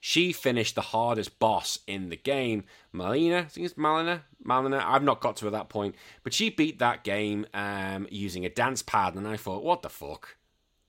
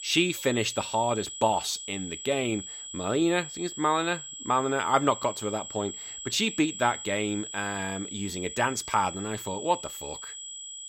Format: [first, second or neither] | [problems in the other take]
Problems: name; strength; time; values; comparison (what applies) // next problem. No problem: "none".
first | high-pitched whine; loud; throughout; 8 kHz, 9 dB below the speech